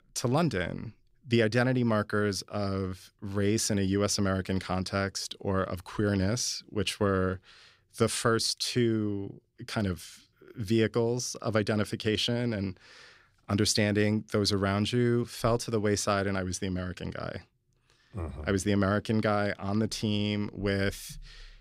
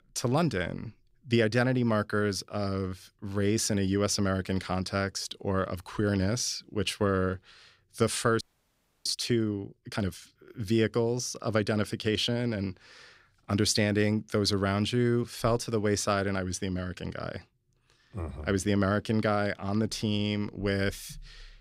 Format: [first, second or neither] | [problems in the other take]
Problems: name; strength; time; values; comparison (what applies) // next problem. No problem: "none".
first | audio freezing; at 8.5 s for 0.5 s